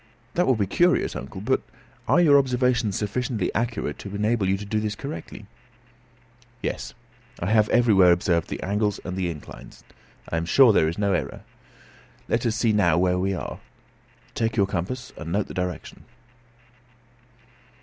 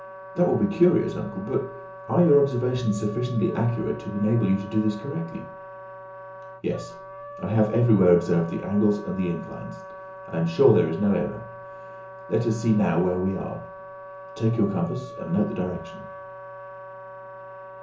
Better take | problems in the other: first | background sound (Wind instrument, woodwind instrument); 15 dB below the speech // room echo; dies away in 0.6 s

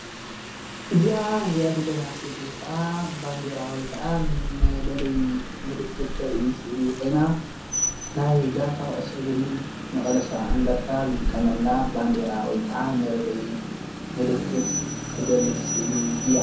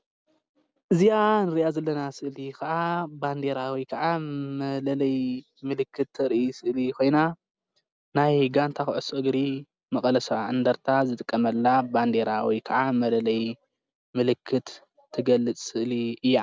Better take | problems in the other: second | background sound (Rain); 4 dB below the speech // room echo; dies away in 0.5 s

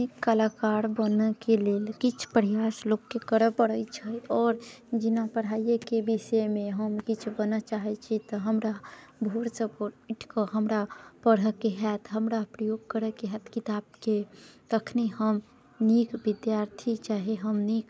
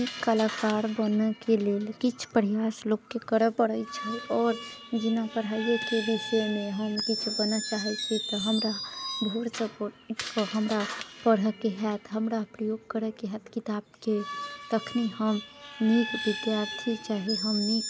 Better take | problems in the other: first | background sound (Screech); 10 dB below the speech

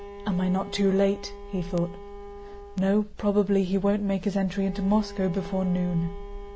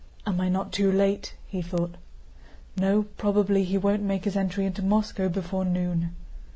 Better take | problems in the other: second | background sound (Bowed string instrument); 16 dB below the speech

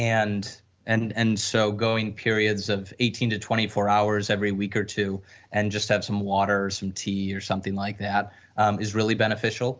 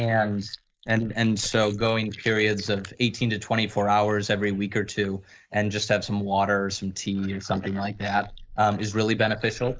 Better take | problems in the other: first | noise reduction (neural mask model Resemble Enhance denoiser)

